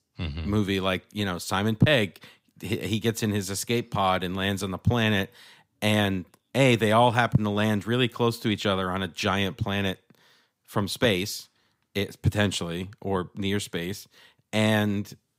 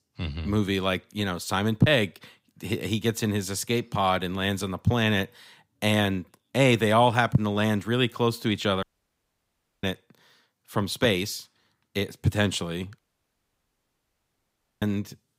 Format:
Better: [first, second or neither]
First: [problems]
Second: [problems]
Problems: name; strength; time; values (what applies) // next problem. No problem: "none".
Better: first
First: none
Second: audio cutting out; at 9 s for 1 s and at 13 s for 2 s